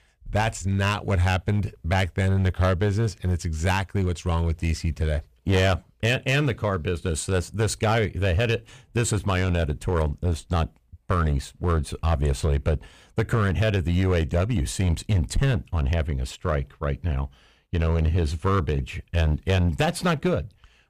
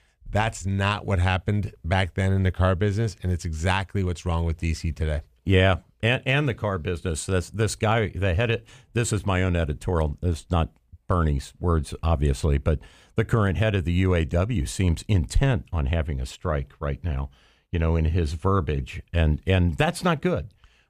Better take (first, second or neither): second